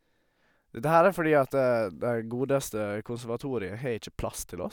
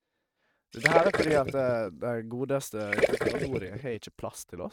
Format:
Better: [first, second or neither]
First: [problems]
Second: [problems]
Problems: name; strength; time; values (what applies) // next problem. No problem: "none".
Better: first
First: none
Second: noise reduction (neural mask model RNNoise)